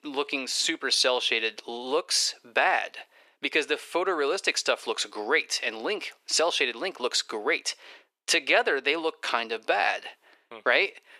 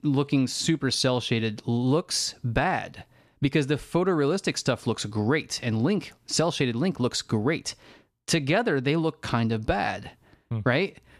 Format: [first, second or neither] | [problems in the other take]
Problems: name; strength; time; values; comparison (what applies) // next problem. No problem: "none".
second | thin; very; fading below 400 Hz